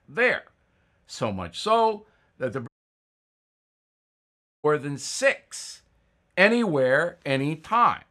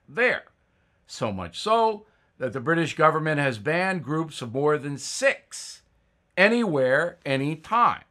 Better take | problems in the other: second | audio cutting out; at 2.5 s for 2 s

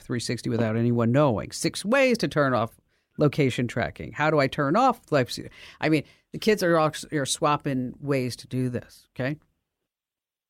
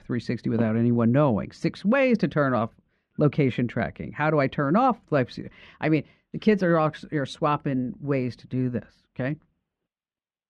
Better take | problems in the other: first | muffled; slightly; fading above 2.5 kHz

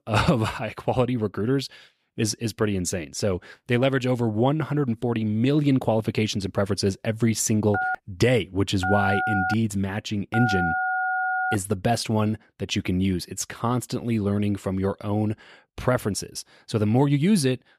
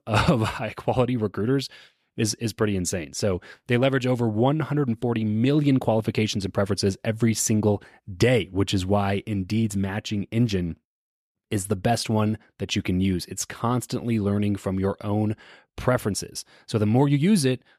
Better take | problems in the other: second | phone ringing; loud; from 7.5 to 12 s; peak level with the speech

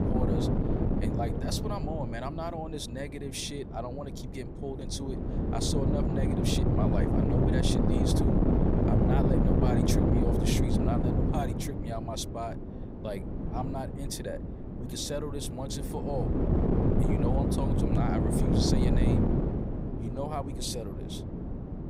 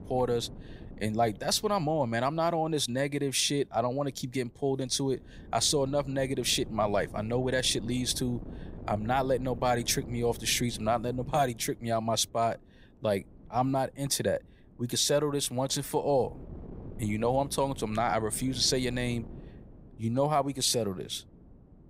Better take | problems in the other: second | wind noise on the microphone; heavy; 3 dB above the speech; occasional gusts in the second

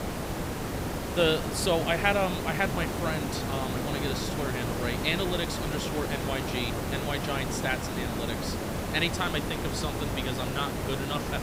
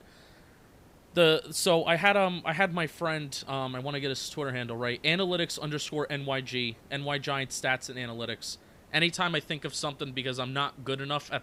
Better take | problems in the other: second | hiss; loud; throughout; 1 dB below the speech; faint in the second

